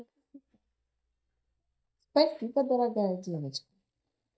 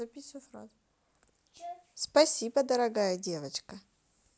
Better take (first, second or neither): second